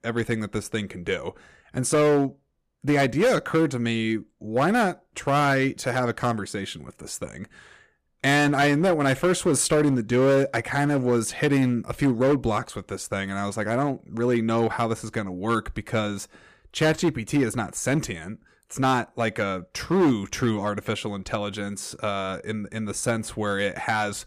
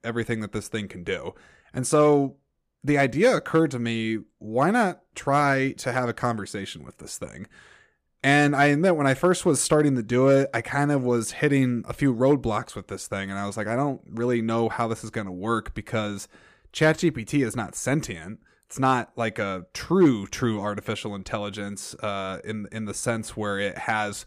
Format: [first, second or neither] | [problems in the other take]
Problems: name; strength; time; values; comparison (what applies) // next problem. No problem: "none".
second | distortion; slight; 5% of the sound clipped